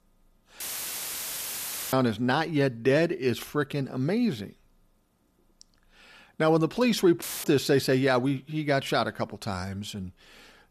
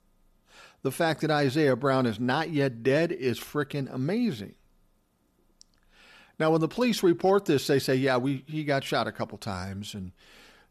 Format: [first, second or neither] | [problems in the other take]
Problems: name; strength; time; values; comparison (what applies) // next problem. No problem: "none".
second | audio cutting out; filled with static; at 0.5 s for 1.5 s and at 7 s